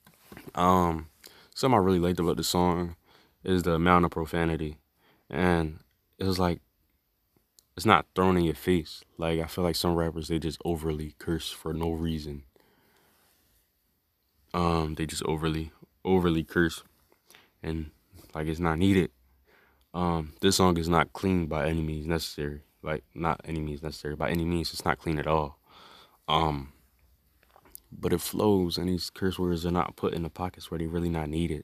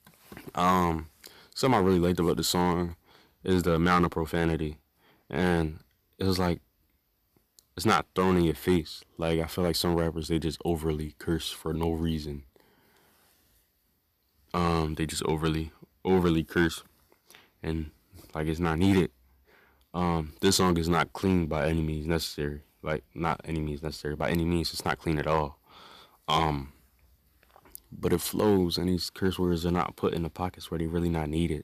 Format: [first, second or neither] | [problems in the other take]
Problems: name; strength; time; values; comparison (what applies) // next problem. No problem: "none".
first | distortion; slight; 1.1% of the sound clipped